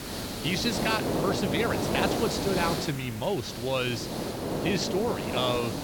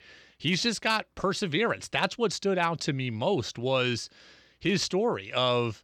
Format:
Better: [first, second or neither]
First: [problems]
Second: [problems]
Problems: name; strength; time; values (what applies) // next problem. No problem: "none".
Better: second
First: hiss; loud; throughout; 1 dB below the speech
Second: none